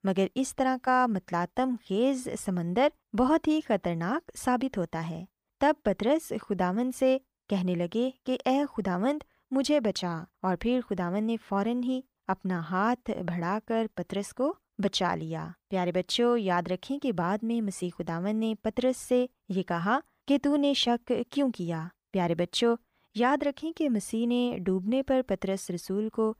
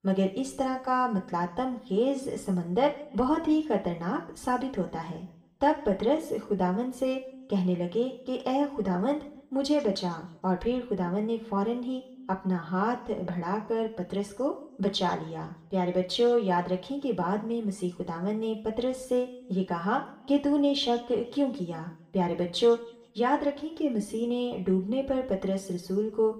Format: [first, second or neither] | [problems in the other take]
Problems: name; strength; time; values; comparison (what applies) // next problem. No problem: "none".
first | room echo; slight; dies away in 0.6 s // off-mic speech; somewhat distant